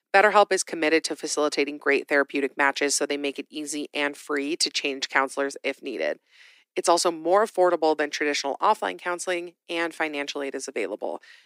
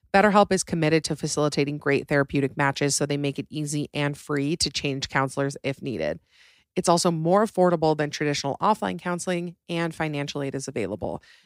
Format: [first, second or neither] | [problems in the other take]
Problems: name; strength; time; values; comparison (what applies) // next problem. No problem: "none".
second | thin; somewhat; fading below 300 Hz